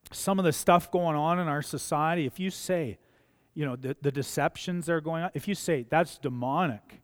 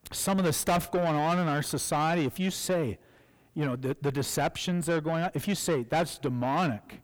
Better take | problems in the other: first | distortion; heavy; 8 dB below the speech

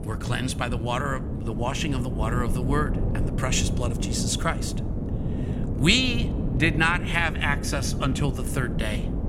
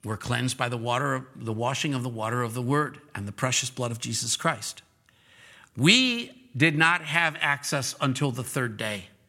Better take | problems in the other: second | wind noise on the microphone; occasional gusts; 10 dB below the speech

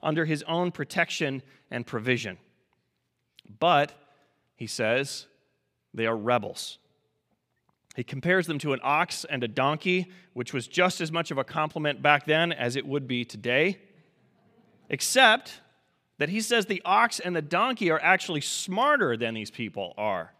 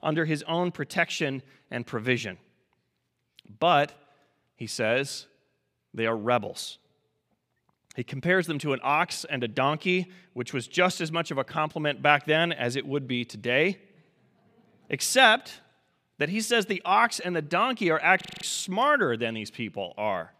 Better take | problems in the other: first | audio freezing; at 18 s

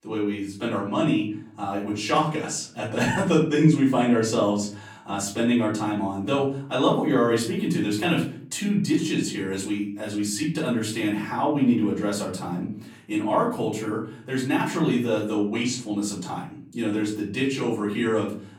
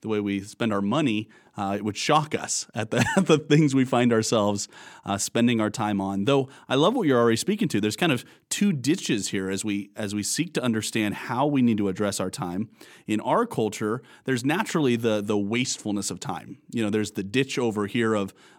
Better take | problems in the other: second | off-mic speech; far // room echo; slight; dies away in 0.4 s

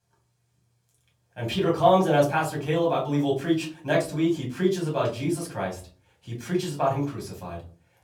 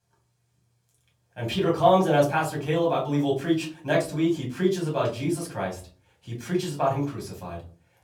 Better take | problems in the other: neither | off-mic speech; far; the same in both // room echo; very slight; dies away in 0.3 s; the same in both

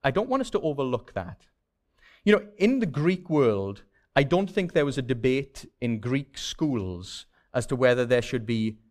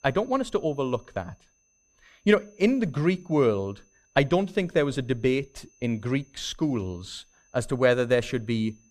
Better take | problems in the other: first | high-pitched whine; faint; throughout; 6 kHz, 35 dB below the speech

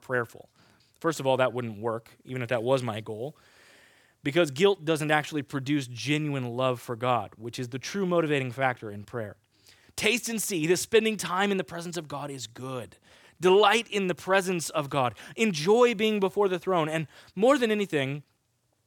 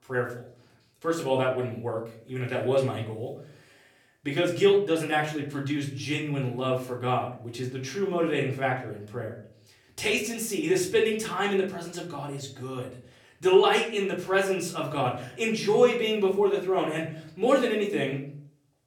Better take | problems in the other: first | off-mic speech; far // room echo; slight; dies away in 0.5 s

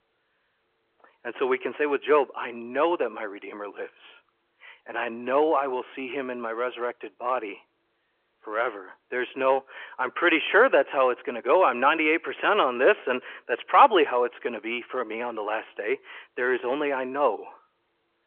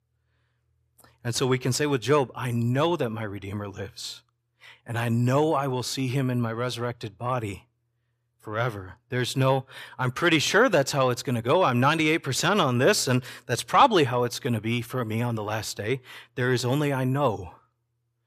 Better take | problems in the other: second | phone-call audio

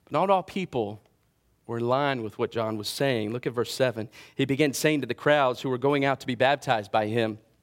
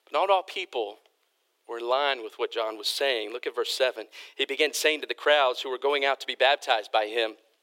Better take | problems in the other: first | thin; very; fading below 400 Hz

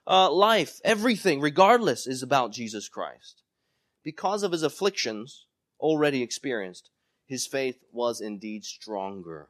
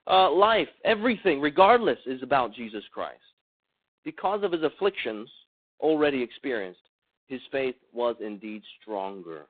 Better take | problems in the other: first | phone-call audio; poor line; nothing above 3.5 kHz

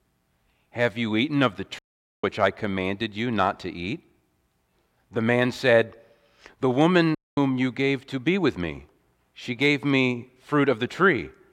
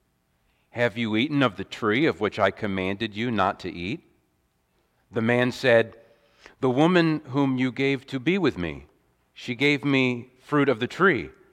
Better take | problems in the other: second | audio cutting out; at 2 s and at 7 s

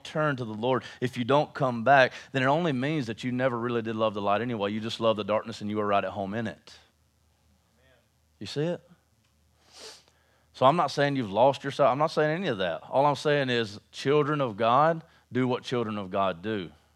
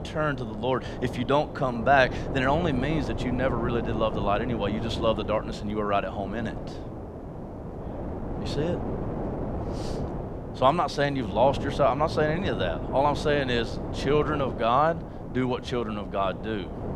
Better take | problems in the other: first | wind noise on the microphone; occasional gusts; 10 dB below the speech

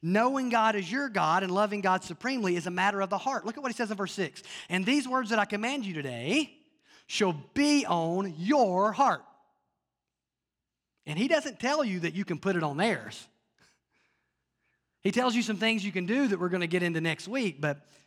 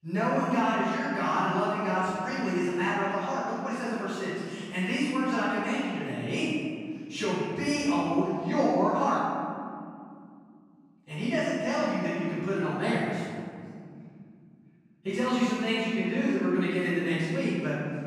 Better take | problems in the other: first | off-mic speech; far // room echo; strong; dies away in 2.5 s

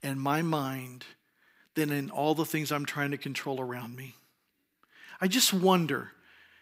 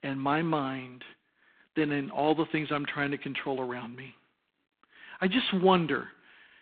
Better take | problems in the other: first | phone-call audio; poor line; nothing above 3.5 kHz

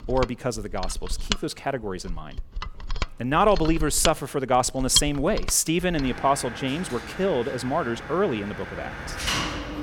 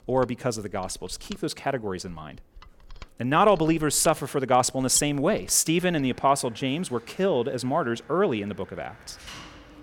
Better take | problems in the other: second | machinery noise; loud; throughout; 7 dB below the speech; faint in the second

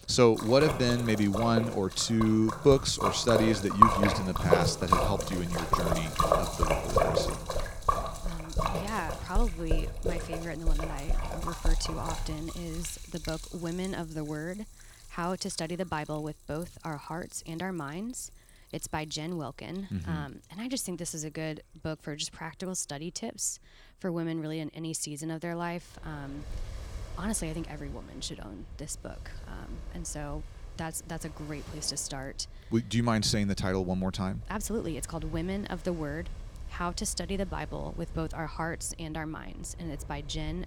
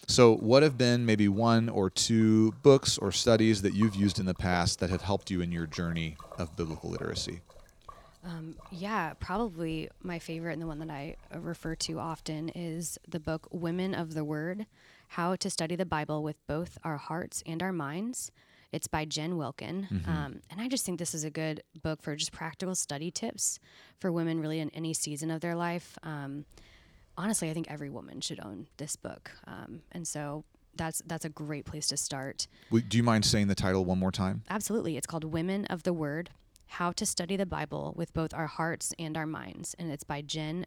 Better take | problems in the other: second | rain or running water; loud; throughout; as loud as the speech; faint in the second

